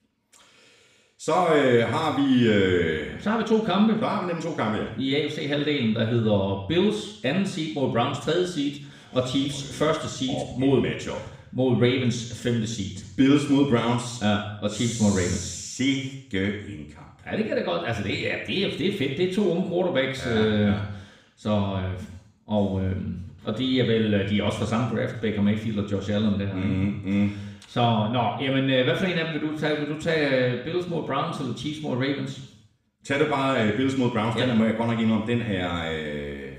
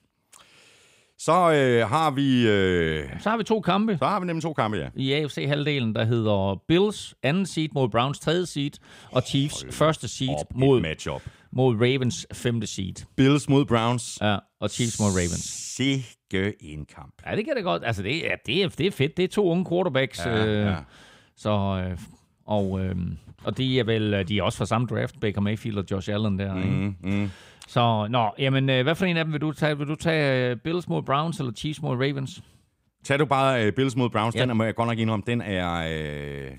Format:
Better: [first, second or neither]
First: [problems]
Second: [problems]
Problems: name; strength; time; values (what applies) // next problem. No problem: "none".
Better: second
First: room echo; noticeable; dies away in 0.7 s // off-mic speech; somewhat distant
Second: none